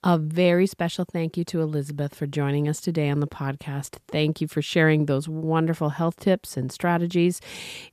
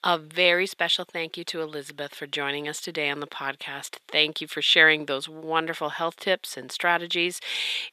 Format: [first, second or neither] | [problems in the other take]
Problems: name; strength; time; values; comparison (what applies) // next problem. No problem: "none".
first | thin; very; fading below 450 Hz